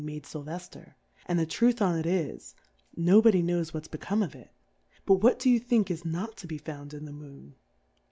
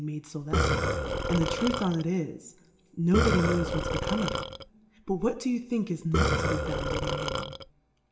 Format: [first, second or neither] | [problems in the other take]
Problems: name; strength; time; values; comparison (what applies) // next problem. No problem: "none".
first | background sound (Burping, eructation); 2 dB above the speech // room echo; dies away in 0.9 s